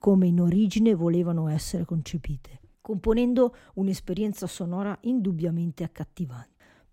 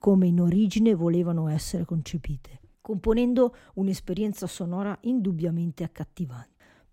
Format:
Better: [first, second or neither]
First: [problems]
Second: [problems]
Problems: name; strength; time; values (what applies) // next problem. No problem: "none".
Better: neither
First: none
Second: none